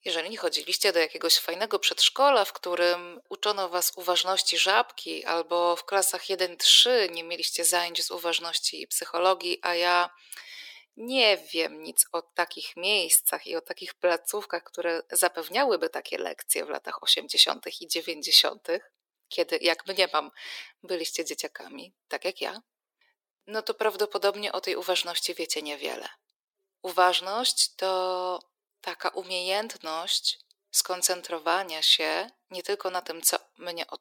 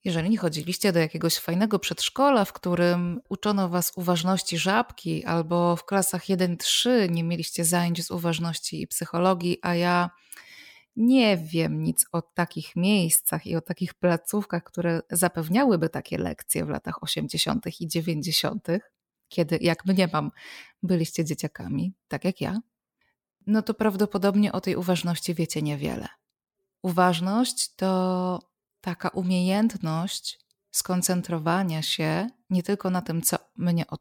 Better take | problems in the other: second | thin; very; fading below 400 Hz

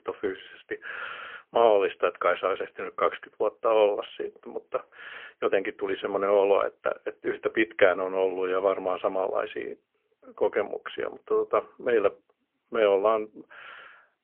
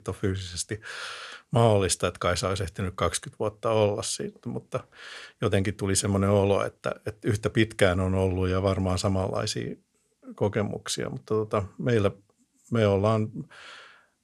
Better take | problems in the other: second | phone-call audio; poor line; nothing above 3.5 kHz

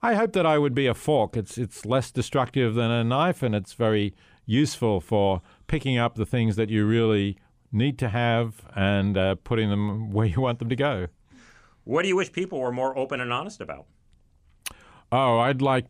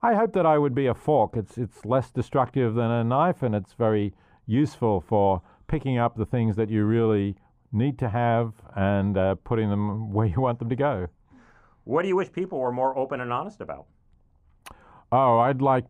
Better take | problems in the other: first | muffled; very; fading above 2 kHz

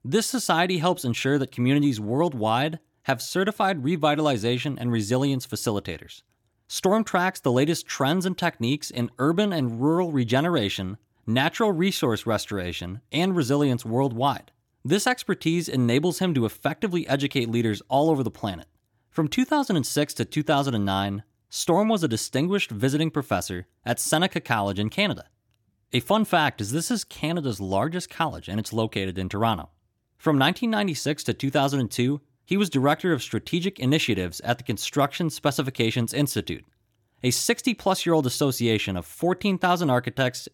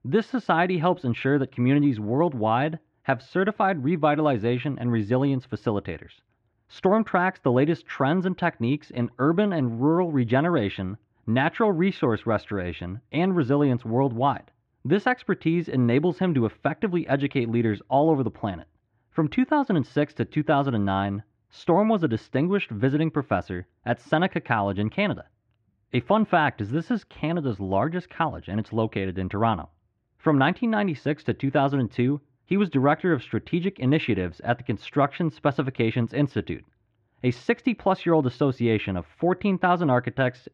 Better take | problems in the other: first | muffled; very; fading above 2.5 kHz

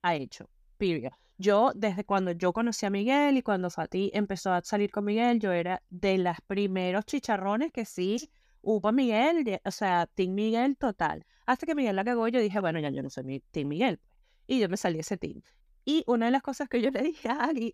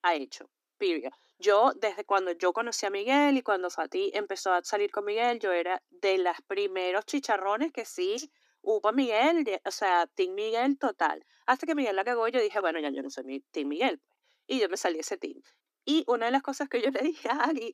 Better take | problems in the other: first | thin; very slightly; fading below 250 Hz

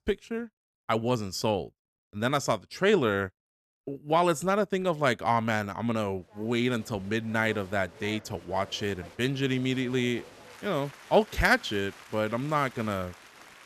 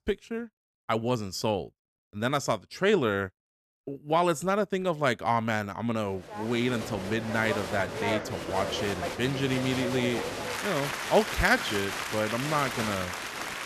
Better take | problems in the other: first | crowd noise; loud; from 6.5 s on; 4 dB below the speech; faint in the first

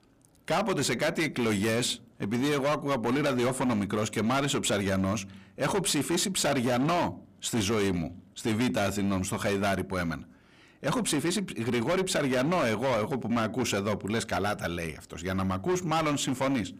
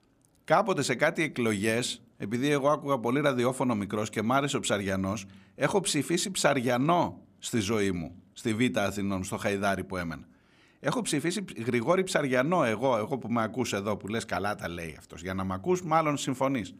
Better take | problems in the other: second | distortion; heavy; 18% of the sound clipped

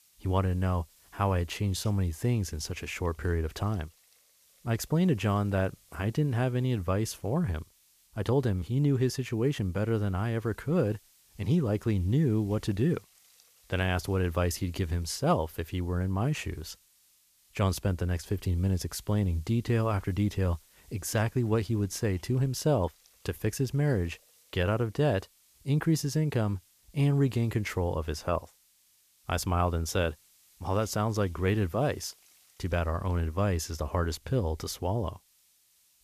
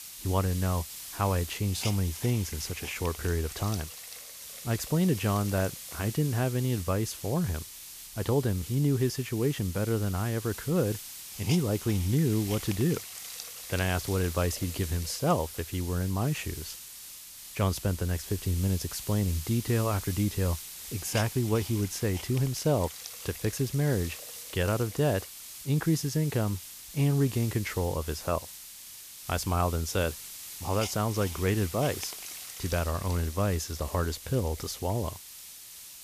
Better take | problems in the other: first | hiss; loud; throughout; 10 dB below the speech; faint in the first

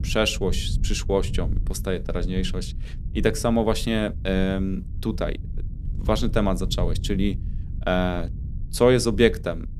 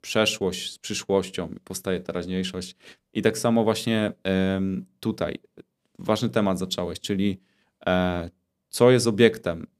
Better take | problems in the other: second | low rumble; faint; throughout; 20 dB below the speech

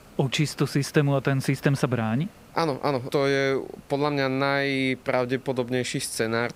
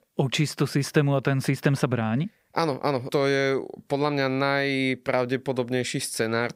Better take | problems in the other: second | hiss; faint; throughout; 25 dB below the speech

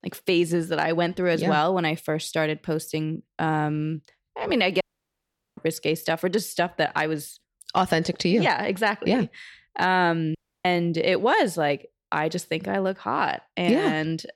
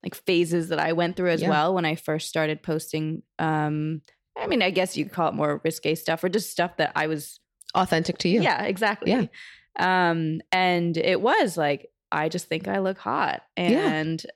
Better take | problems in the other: second | audio cutting out; at 5 s for 1 s and at 10 s

